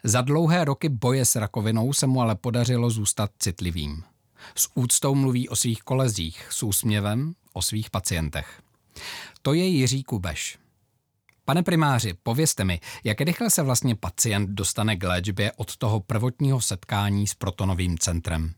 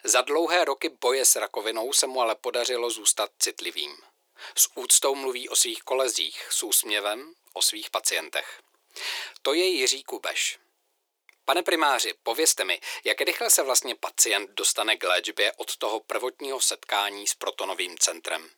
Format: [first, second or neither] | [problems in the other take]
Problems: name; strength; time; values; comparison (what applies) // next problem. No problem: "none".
first | thin; very; fading below 350 Hz